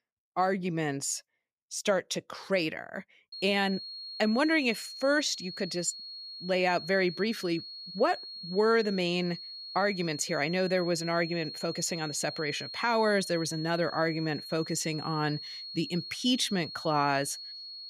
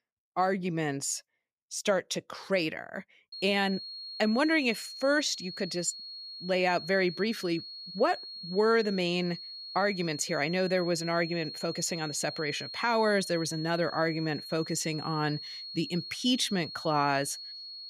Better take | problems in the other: neither | high-pitched whine; loud; from 3.5 s on; 4.5 kHz, 10 dB below the speech; the same in both

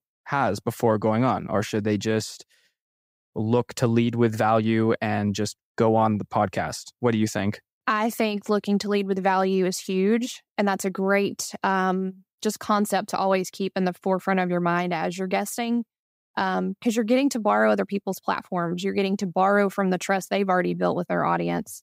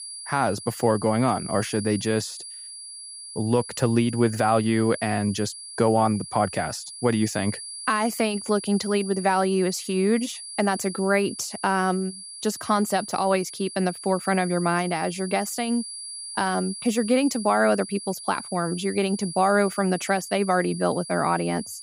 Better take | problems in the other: first | high-pitched whine; noticeable; throughout; 10 kHz, 10 dB below the speech

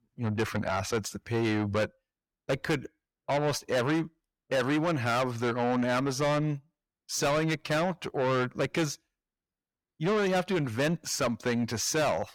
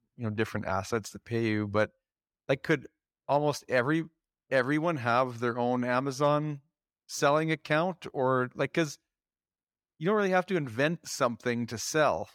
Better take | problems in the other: second | distortion; heavy; 6 dB below the speech

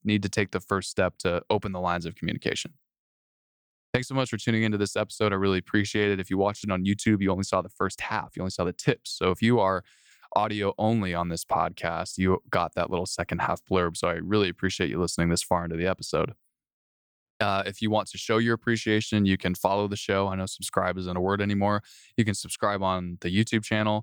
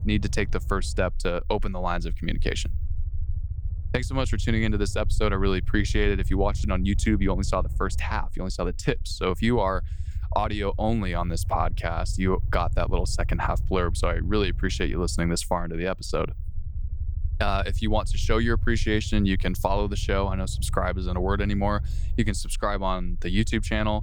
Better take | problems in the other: first | low rumble; faint; throughout; 20 dB below the speech

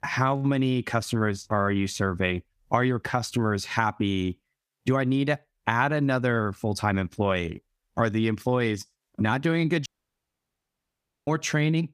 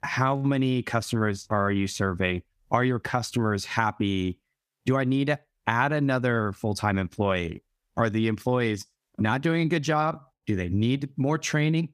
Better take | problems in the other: second | audio cutting out; at 10 s for 1.5 s

